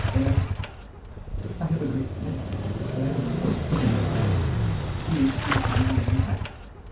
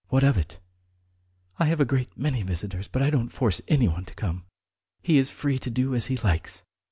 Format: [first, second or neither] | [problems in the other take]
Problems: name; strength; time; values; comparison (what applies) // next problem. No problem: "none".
second | background sound (Engine starting / Motorcycle); 4 dB above the speech // room echo; dies away in 0.6 s